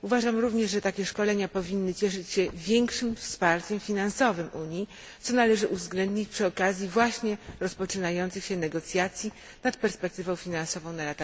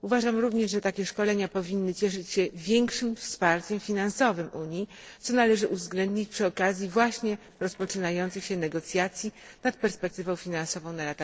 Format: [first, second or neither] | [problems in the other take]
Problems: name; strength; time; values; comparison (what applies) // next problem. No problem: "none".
first | noise reduction (neural separator model SepFormer DNS4)